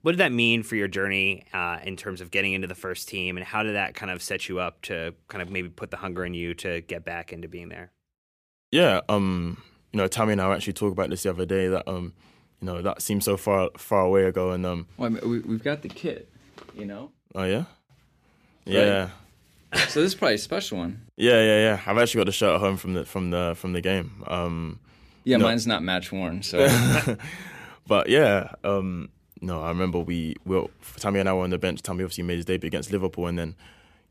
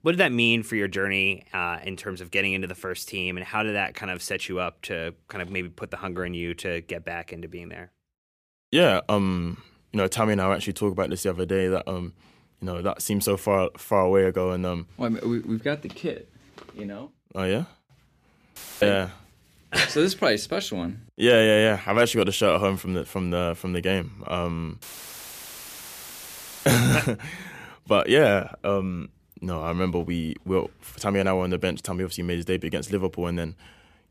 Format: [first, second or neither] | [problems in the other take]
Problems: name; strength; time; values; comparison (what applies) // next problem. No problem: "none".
first | audio cutting out; filled with static; at 19 s and at 25 s for 2 s